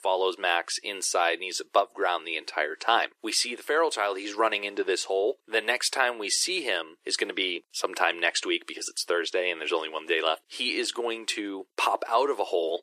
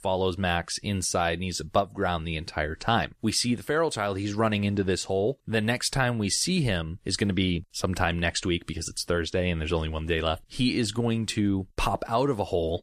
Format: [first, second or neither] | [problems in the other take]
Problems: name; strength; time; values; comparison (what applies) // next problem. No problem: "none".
second | thin; very; fading below 350 Hz